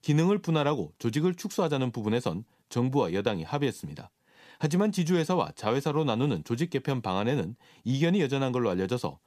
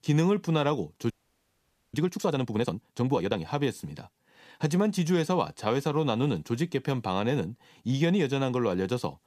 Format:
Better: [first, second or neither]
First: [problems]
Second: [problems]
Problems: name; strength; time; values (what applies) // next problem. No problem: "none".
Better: first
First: none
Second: audio freezing; at 1 s for 1 s